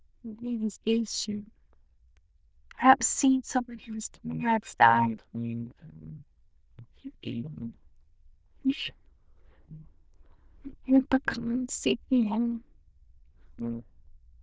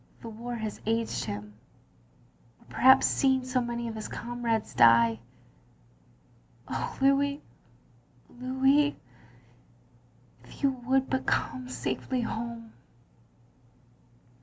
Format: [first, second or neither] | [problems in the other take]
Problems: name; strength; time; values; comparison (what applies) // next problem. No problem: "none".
second | noise reduction (neural diffusion model UNIVERSE++)